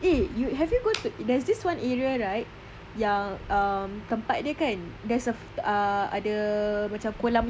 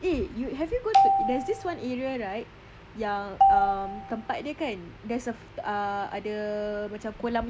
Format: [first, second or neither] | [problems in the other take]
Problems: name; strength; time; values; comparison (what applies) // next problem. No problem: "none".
first | background sound (Marimba, xylophone); 4 dB above the speech